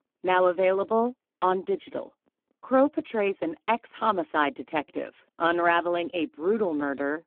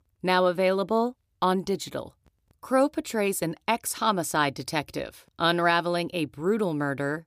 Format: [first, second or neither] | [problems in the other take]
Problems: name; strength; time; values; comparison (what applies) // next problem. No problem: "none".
second | phone-call audio; poor line